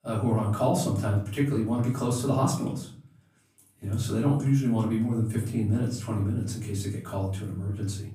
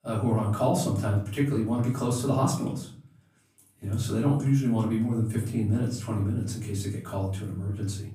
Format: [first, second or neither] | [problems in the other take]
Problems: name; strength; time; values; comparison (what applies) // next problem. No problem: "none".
neither | room echo; slight; dies away in 0.5 s; the same in both // off-mic speech; far; the same in both